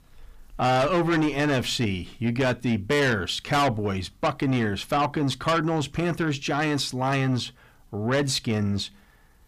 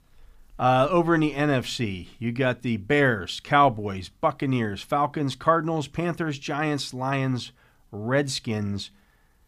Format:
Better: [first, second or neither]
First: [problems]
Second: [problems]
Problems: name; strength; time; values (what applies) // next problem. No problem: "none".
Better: second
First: distortion; heavy; 7 dB below the speech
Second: none